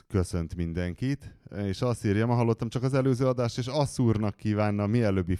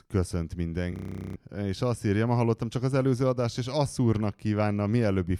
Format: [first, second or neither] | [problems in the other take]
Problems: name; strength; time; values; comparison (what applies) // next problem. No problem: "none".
first | audio freezing; at 1 s